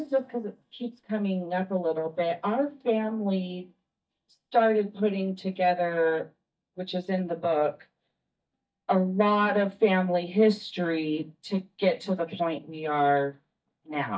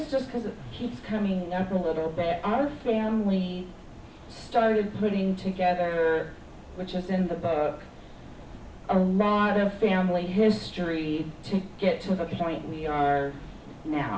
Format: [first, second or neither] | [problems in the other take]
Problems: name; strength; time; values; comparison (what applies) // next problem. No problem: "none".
second | noise reduction (neural mask model DeepFilterNet 3)